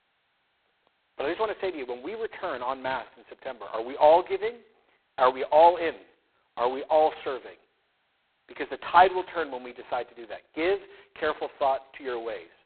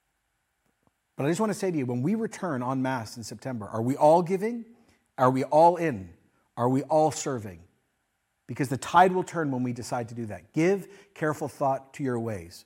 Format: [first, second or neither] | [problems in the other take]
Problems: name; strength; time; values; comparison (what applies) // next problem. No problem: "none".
second | phone-call audio; poor line; nothing above 4 kHz